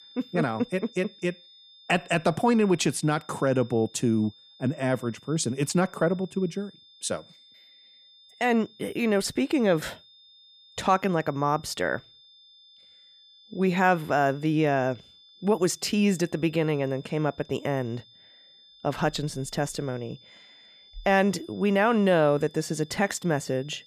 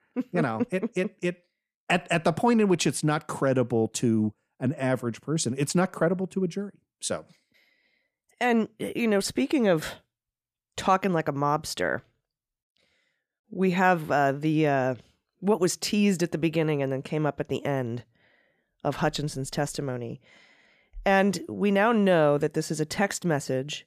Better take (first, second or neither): second